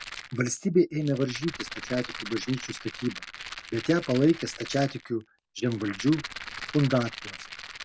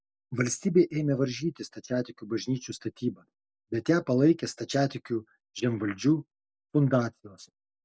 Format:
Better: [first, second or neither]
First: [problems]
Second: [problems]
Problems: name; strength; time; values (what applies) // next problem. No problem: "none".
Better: second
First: background sound (Rattle); 12 dB below the speech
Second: none